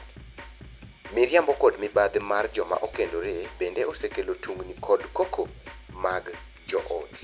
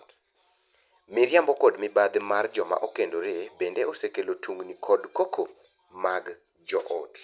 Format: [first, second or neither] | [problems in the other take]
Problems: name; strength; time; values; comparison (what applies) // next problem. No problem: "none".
second | background sound (Drum kit); 17 dB below the speech